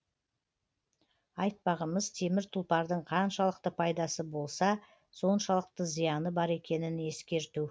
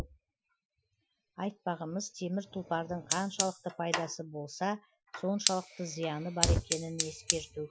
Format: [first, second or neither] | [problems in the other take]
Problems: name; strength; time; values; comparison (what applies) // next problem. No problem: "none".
first | noise reduction (classical method Wiener filter)